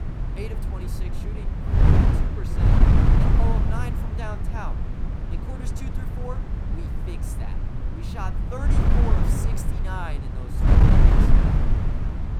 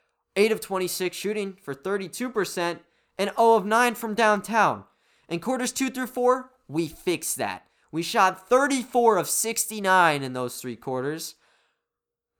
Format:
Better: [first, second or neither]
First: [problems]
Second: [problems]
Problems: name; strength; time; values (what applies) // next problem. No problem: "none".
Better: second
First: wind noise on the microphone; heavy; 5 dB above the speech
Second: none